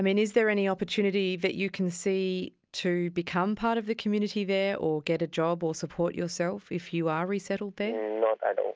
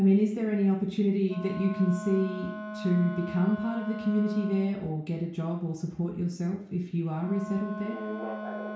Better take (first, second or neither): first